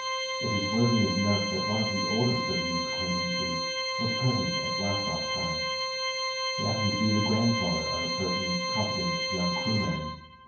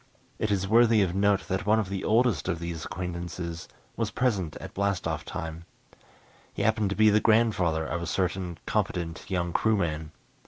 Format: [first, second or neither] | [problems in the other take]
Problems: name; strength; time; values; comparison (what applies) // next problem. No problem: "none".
second | background sound (Organ); as loud as the speech // room echo; dies away in 0.9 s